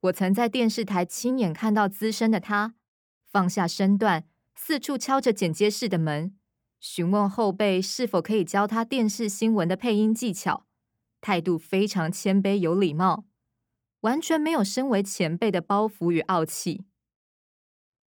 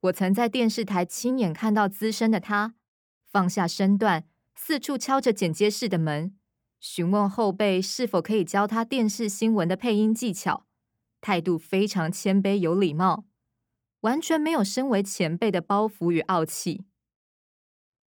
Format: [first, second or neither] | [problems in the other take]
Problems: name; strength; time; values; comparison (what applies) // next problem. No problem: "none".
neither | none